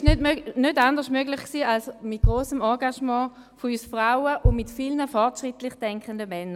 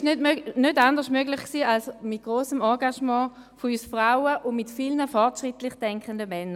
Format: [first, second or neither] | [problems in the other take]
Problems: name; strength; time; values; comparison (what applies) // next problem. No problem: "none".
second | background sound (Bass drum); 4 dB below the speech